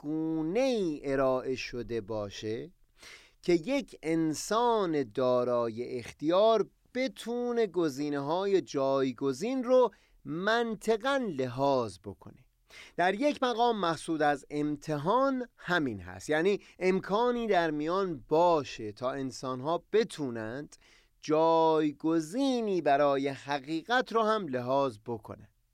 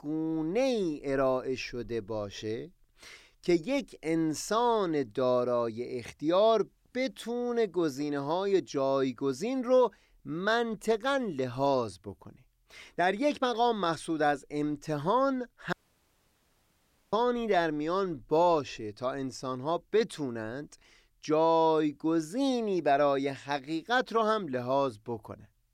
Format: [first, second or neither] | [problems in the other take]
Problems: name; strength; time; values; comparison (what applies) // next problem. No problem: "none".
first | audio cutting out; at 16 s for 1.5 s